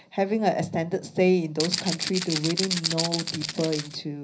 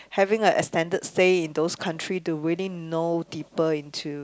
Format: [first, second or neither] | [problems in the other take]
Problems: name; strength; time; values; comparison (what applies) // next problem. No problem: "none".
second | background sound (Rattle (instrument)); 4 dB below the speech // room echo; dies away in 0.5 s